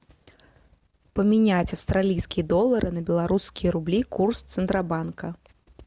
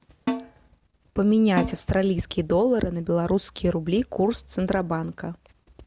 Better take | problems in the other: first | background sound (Snare drum); 9 dB below the speech

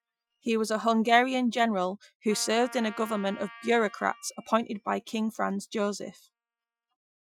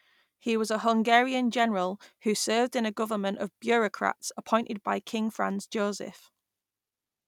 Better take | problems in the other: second | noise reduction (classical method Wiener filter)

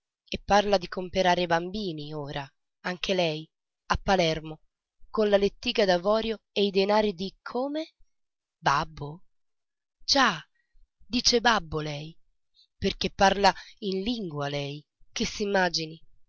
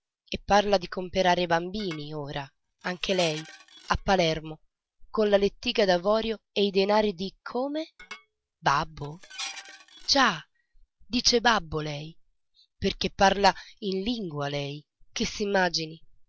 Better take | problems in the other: first | background sound (Dishes, pots, and pans); 17 dB below the speech

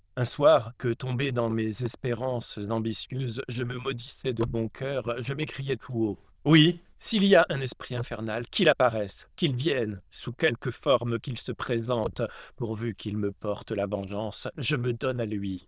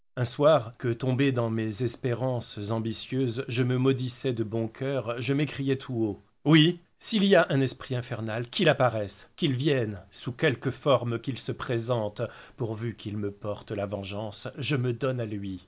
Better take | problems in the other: second | noise reduction (neural diffusion model UNIVERSE++)

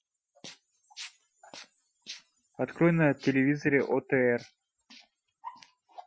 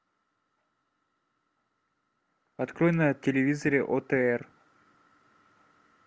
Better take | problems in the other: second | noise reduction (classical method Wiener filter)

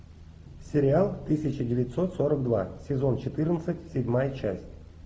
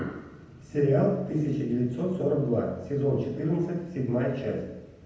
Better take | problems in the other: first | room echo; dies away in 0.9 s

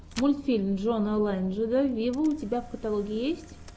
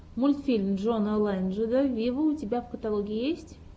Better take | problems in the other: second | background sound (Fire + Camera); 20 dB below the speech

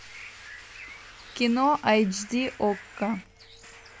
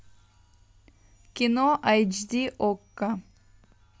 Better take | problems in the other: second | background sound (Domestic sounds, home sounds + Bird); 17 dB below the speech

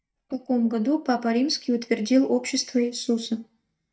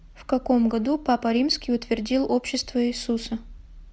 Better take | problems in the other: second | noise reduction (neural mask model DeepFilterNet 3)

